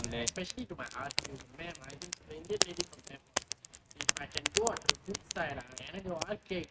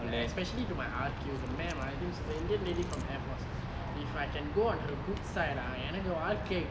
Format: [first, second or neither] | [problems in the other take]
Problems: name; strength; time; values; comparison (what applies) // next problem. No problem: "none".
second | noise reduction (neural mask model RNNoise)